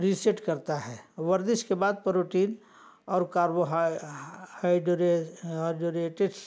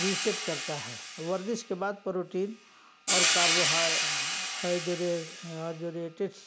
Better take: first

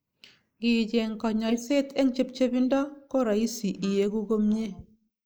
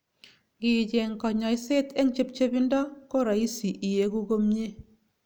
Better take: second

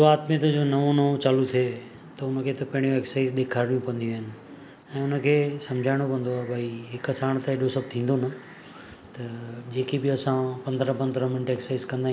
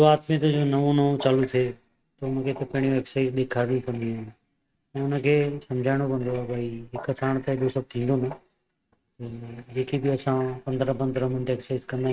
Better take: first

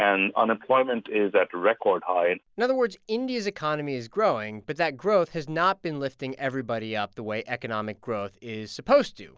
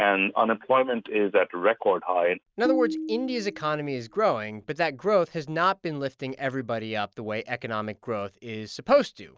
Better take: first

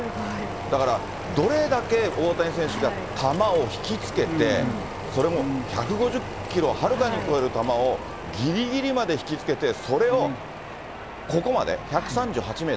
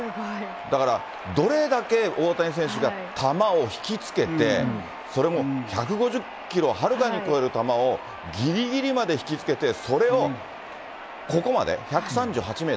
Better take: second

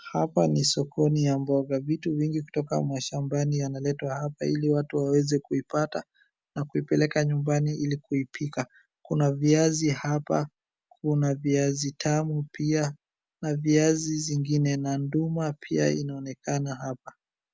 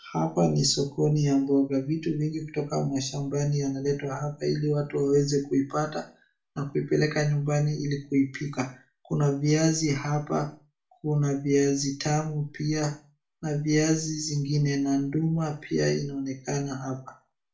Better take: first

